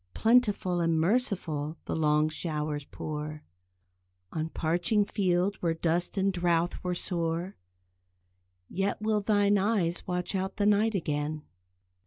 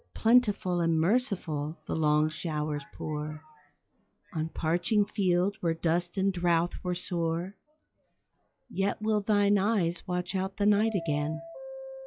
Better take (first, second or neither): first